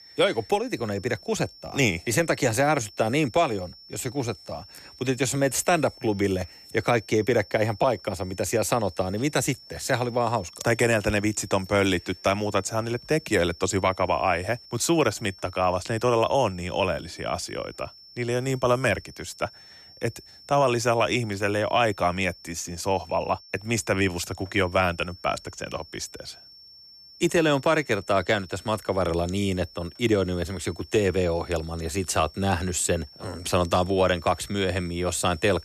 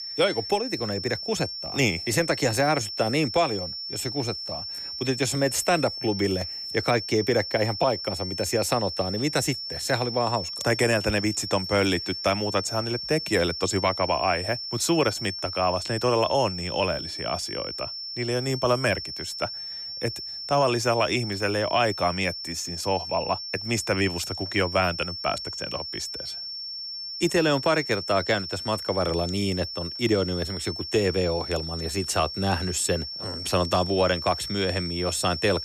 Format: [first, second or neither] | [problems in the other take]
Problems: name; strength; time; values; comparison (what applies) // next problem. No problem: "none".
first | high-pitched whine; loud; throughout; 5.5 kHz, 6 dB below the speech; faint in the first